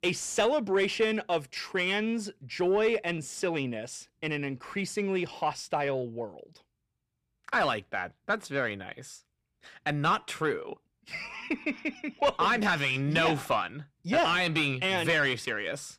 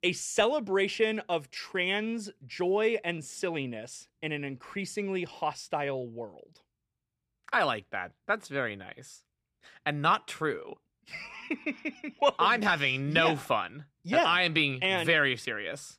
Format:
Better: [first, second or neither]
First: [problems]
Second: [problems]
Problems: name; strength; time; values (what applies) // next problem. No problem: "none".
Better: second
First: distortion; slight; 10 dB below the speech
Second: none